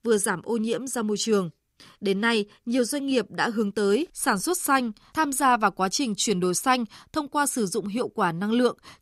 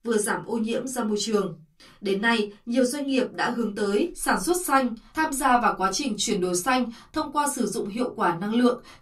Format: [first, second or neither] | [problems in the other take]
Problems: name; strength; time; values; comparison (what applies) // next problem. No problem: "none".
first | off-mic speech; far // room echo; very slight; dies away in 0.2 s